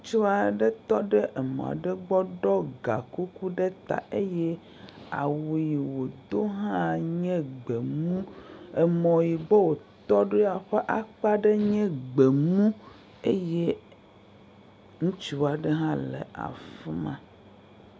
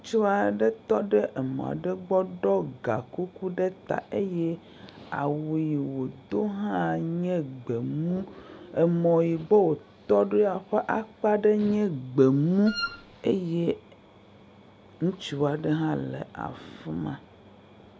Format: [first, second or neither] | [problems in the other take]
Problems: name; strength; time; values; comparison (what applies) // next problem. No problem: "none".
first | background sound (Wind instrument, woodwind instrument); 8 dB below the speech